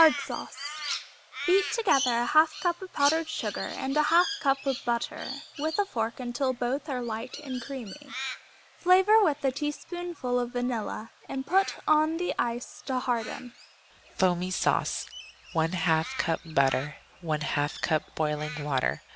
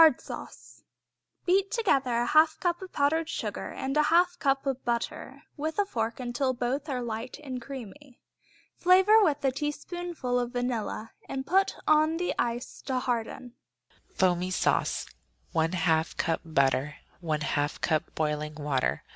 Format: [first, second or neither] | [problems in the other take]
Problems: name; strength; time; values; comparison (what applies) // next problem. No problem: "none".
second | background sound (Crow); 12 dB below the speech